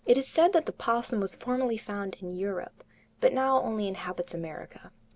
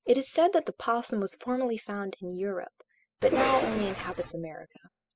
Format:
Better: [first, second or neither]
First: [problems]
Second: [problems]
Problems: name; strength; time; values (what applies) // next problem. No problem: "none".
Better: first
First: none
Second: noise reduction (classical method spectral subtraction)